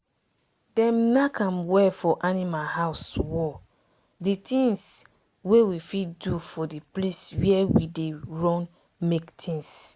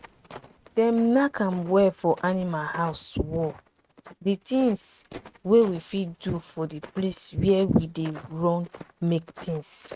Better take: first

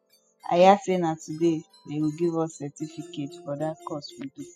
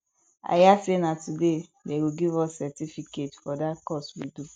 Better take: second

